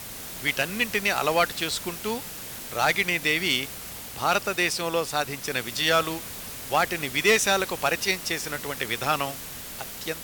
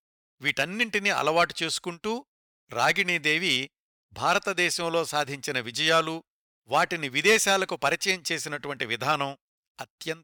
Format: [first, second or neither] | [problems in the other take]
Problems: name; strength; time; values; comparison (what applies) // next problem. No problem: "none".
second | hiss; noticeable; throughout; 10 dB below the speech